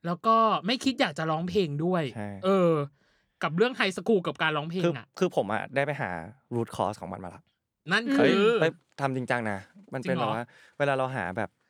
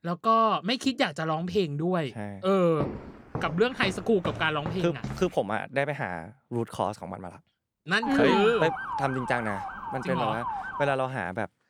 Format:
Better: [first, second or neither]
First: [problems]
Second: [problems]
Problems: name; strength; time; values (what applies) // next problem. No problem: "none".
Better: first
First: none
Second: footsteps; noticeable; from 3 to 5.5 s; peak 8 dB below the speech // siren; noticeable; from 8 to 11 s; peak 3 dB below the speech